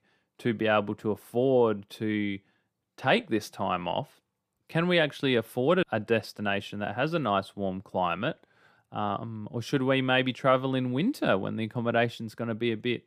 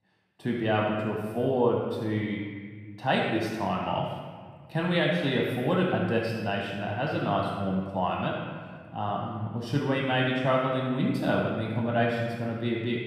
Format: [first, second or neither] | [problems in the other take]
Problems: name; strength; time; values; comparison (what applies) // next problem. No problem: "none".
first | off-mic speech; far // room echo; strong; dies away in 1.8 s